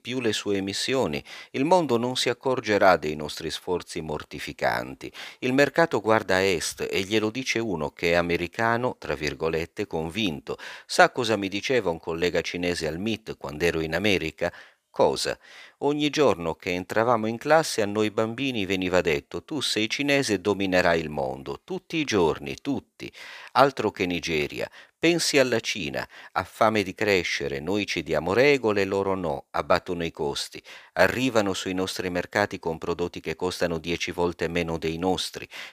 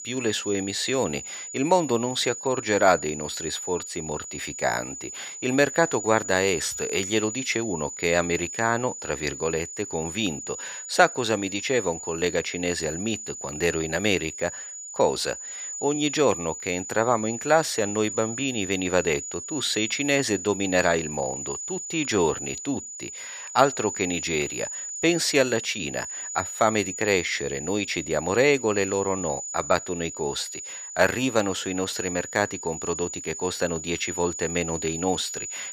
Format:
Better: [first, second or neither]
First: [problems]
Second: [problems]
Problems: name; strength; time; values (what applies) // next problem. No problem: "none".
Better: first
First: none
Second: high-pitched whine; loud; throughout; 7 kHz, 7 dB below the speech